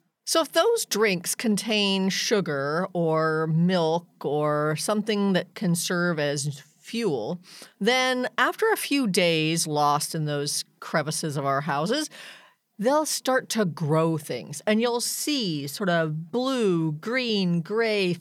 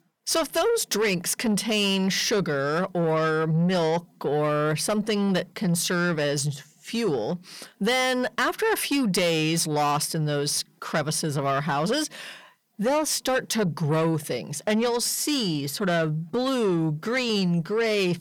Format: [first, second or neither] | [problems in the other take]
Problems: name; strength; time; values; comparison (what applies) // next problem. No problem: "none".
first | distortion; slight; 10 dB below the speech